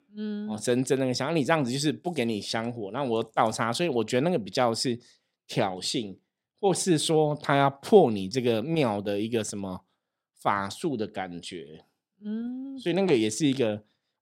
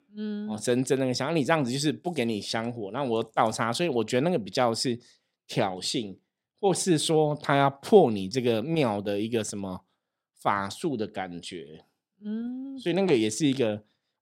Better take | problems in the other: neither | none

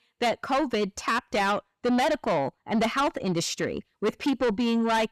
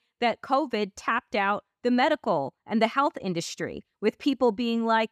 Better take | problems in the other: second | distortion; heavy; 7 dB below the speech

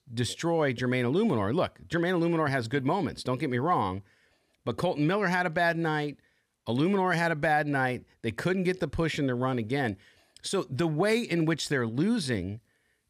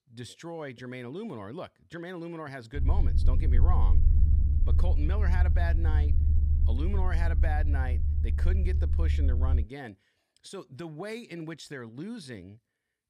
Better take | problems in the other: first | low rumble; loud; from 3 to 9.5 s; 5 dB below the speech

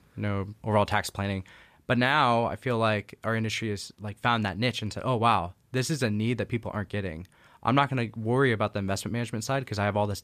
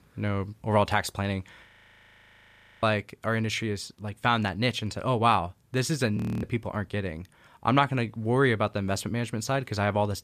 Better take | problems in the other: first | audio freezing; at 1.5 s for 1 s and at 6 s

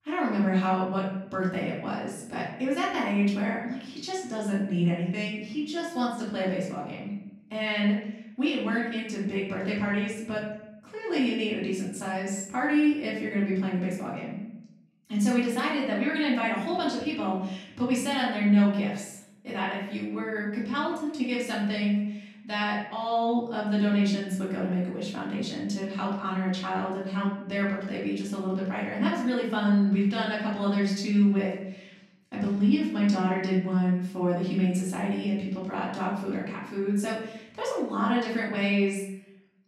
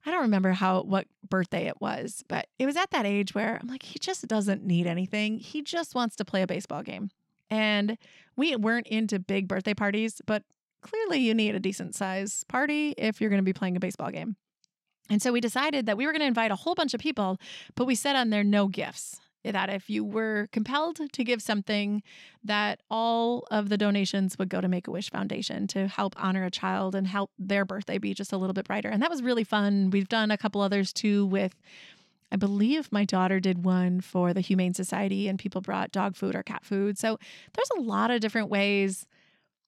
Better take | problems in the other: second | off-mic speech; far // room echo; noticeable; dies away in 0.7 s

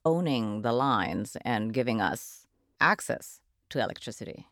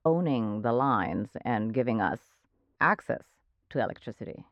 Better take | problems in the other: first | muffled; very; fading above 4 kHz

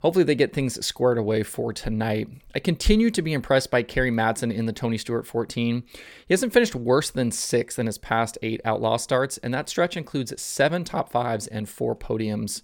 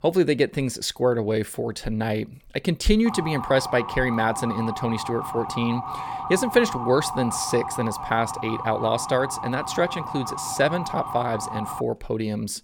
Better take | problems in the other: first | siren; noticeable; from 3 to 12 s; peak 6 dB below the speech

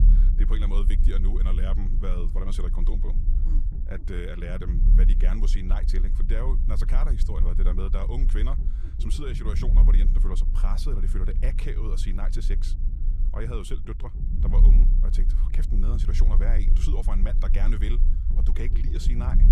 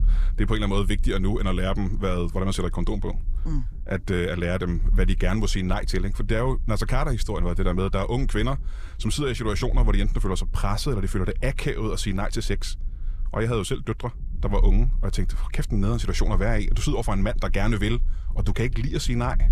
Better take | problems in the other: second | low rumble; loud; throughout; 7 dB below the speech; faint in the second

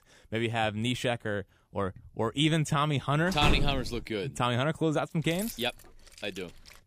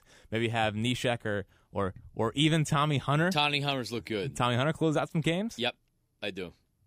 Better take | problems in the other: second | door banging; loud; at 3.5 s; peak 1 dB above the speech // jangling keys; faint; from 5 s on; peak 10 dB below the speech

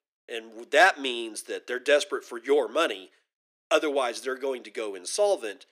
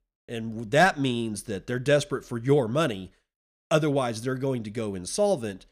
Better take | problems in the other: second | thin; somewhat; fading below 300 Hz

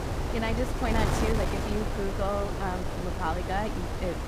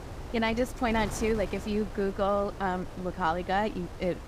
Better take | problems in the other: second | wind noise on the microphone; heavy; 2 dB below the speech; occasional gusts in the second

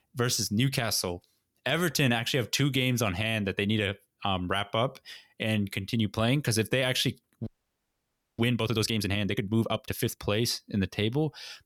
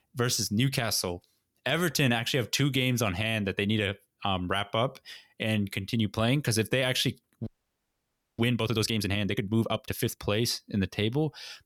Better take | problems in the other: neither | audio freezing; at 7.5 s for 1 s; the same in both

